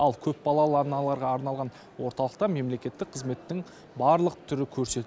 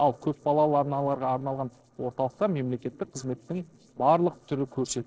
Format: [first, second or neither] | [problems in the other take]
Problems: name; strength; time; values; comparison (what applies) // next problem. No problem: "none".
first | noise reduction (neural separator model SepFormer DNS4)